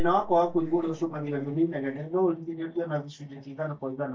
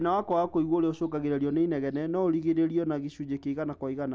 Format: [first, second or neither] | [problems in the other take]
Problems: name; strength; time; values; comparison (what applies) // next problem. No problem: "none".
second | noise reduction (neural mask model DeepFilterNet 3)